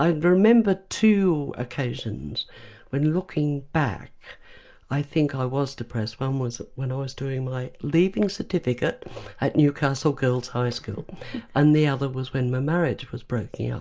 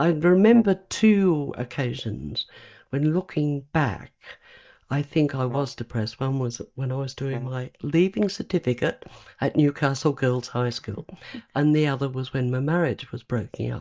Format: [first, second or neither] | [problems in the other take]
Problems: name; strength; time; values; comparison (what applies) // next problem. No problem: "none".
first | noise reduction (neural mask model DeepFilterNet 3)